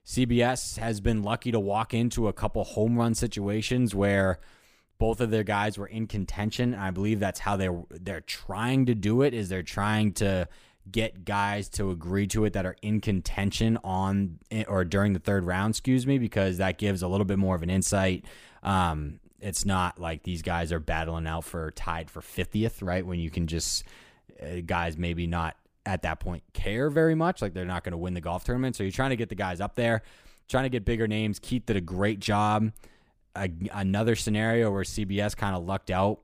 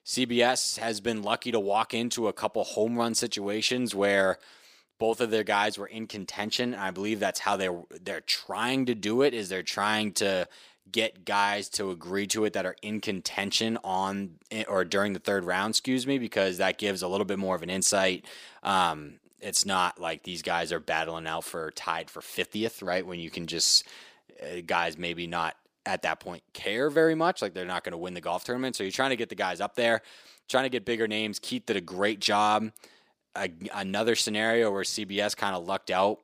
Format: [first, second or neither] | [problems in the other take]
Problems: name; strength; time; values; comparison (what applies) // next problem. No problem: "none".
first | thin; somewhat; fading below 300 Hz